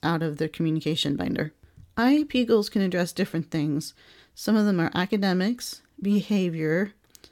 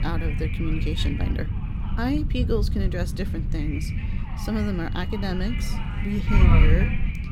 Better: first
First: none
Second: wind noise on the microphone; heavy; 2 dB below the speech

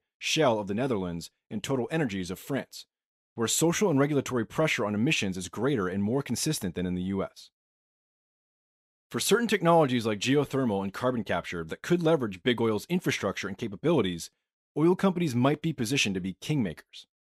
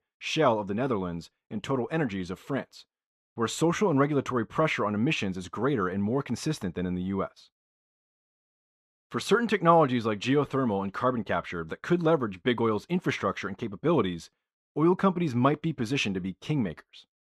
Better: first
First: none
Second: muffled; slightly; fading above 3 kHz

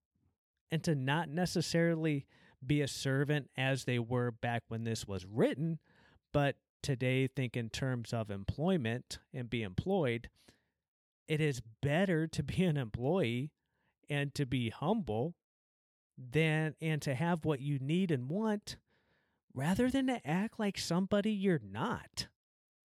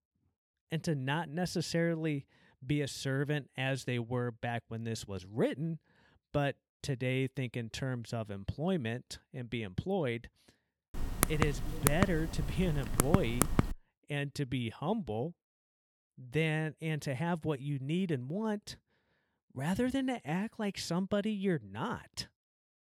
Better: first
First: none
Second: keyboard typing; loud; from 11 to 14 s; peak 4 dB above the speech

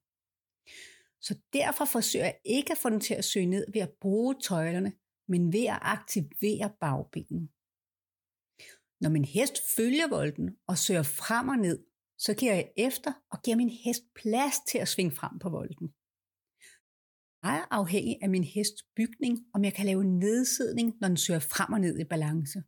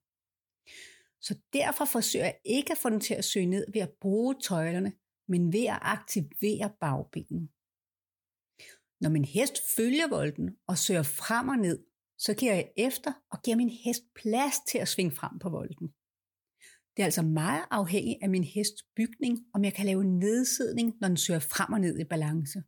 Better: second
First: audio cutting out; at 17 s for 0.5 s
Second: none

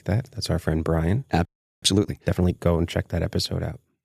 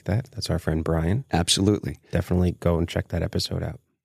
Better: second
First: audio freezing; at 1.5 s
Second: none

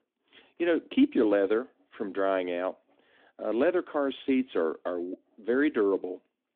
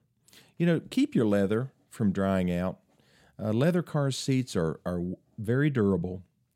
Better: second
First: phone-call audio; nothing above 3.5 kHz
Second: none

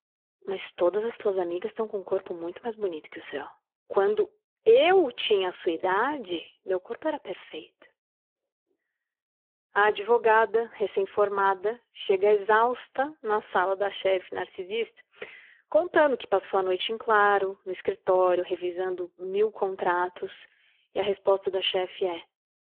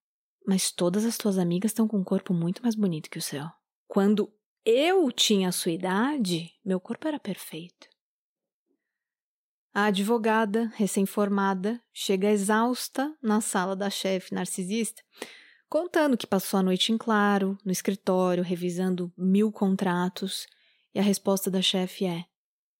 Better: second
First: phone-call audio; poor line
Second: none

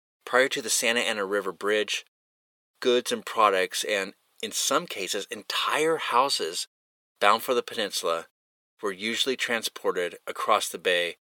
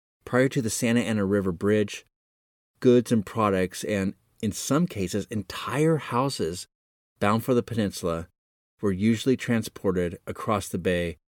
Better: second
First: thin; very; fading below 700 Hz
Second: none

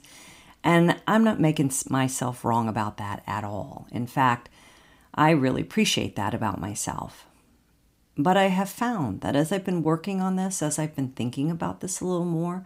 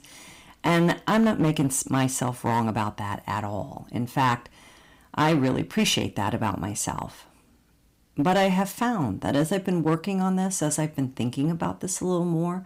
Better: first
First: none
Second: distortion; slight; 5% of the sound clipped

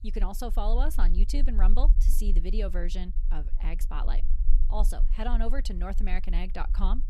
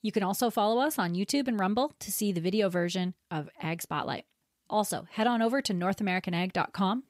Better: second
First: low rumble; noticeable; throughout; 15 dB below the speech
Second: none

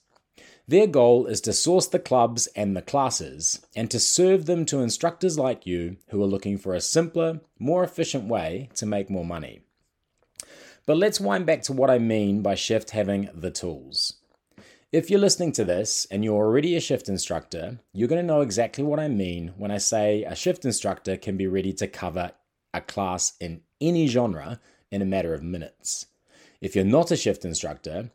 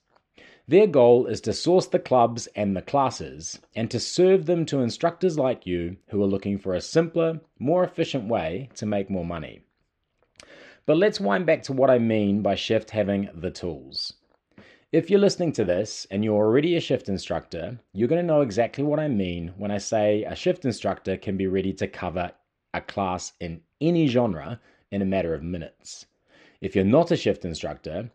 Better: first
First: none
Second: muffled; slightly; fading above 3 kHz

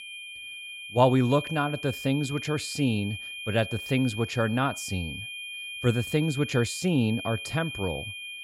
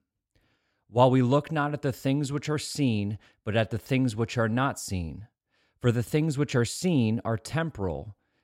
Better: second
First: high-pitched whine; loud; throughout; 2.5 kHz, 9 dB below the speech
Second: none

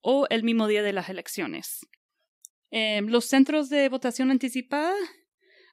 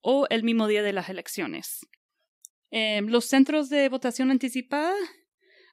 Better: neither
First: none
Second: none

